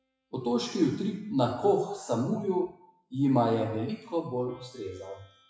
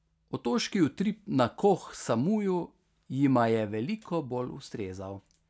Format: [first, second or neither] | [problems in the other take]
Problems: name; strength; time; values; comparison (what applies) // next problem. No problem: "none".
second | noise reduction (classical method WPE with log-MMSE)